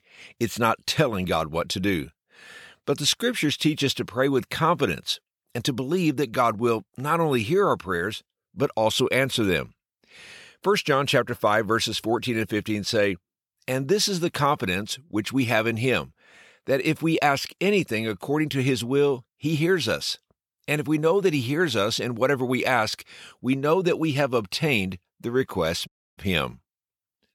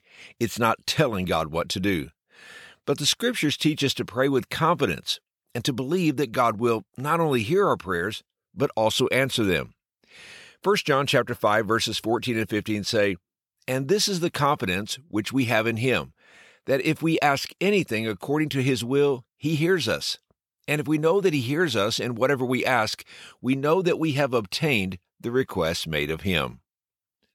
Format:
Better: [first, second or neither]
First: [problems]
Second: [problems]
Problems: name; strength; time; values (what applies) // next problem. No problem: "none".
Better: second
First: audio cutting out; at 26 s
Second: none